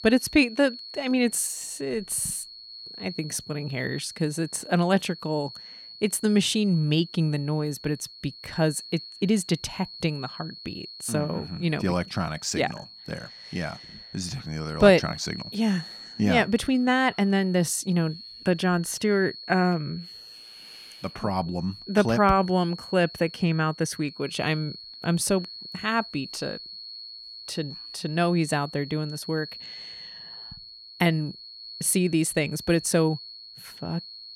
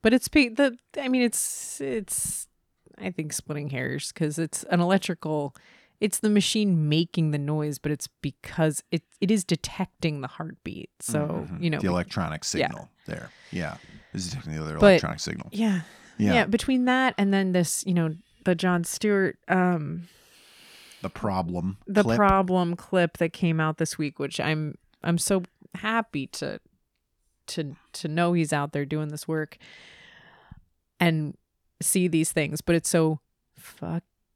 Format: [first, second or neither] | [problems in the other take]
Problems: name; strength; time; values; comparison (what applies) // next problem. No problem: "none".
second | high-pitched whine; noticeable; throughout; 4.5 kHz, 15 dB below the speech